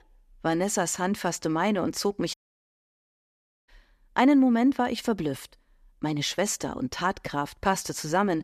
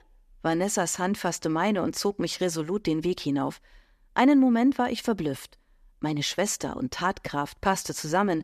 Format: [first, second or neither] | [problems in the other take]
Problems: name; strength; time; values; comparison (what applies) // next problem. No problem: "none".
second | audio cutting out; at 2.5 s for 1.5 s